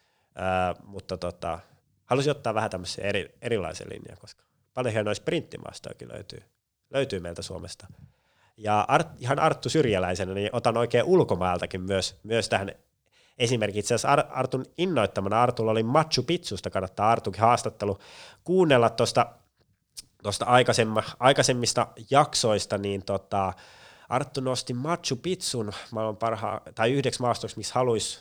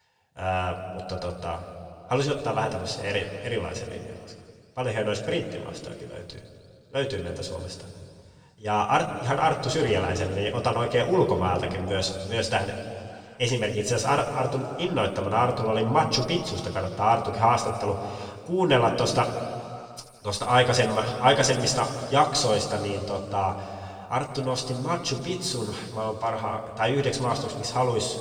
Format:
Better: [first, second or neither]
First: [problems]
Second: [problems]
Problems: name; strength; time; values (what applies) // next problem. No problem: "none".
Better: first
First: none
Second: room echo; noticeable; dies away in 2 s // off-mic speech; somewhat distant